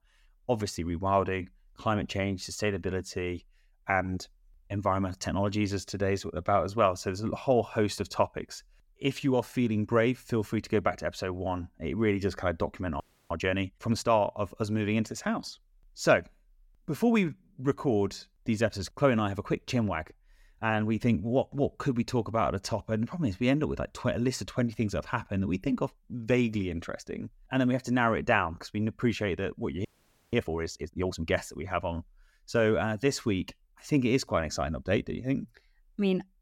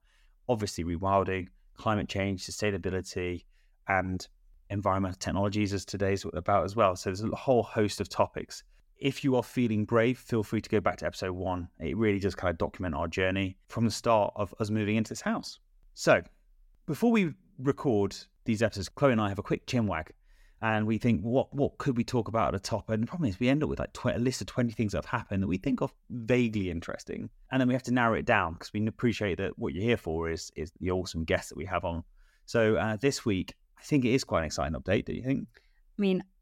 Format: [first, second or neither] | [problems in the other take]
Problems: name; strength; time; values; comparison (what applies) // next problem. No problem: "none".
second | audio freezing; at 13 s and at 30 s